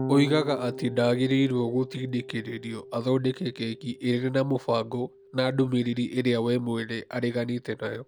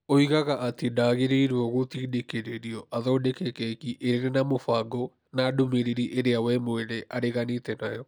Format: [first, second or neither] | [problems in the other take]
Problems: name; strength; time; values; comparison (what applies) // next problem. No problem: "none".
second | background sound (Electric guitar / Bass guitar); 14 dB below the speech